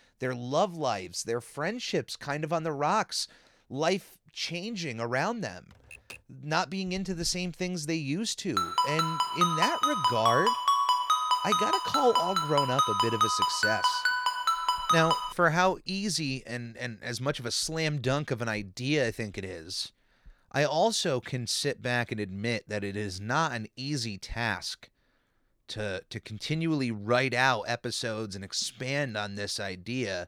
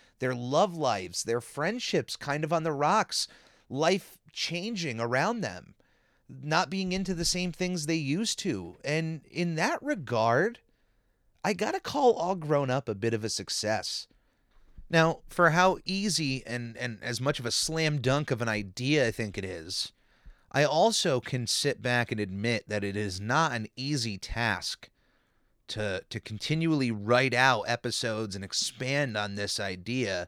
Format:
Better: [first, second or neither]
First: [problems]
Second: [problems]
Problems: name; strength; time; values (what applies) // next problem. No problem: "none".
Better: second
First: keyboard typing; faint; at 5.5 s; peak 15 dB below the speech // phone ringing; loud; from 8.5 to 15 s; peak 6 dB above the speech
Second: none